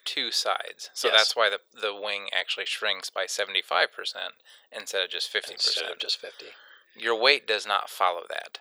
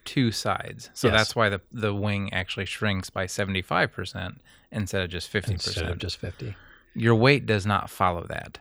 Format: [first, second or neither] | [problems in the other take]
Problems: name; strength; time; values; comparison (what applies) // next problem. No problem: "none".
second | thin; very; fading below 500 Hz